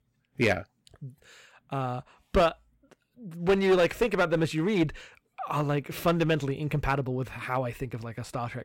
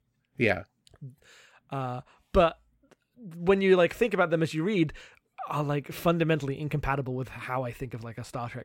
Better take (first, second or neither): second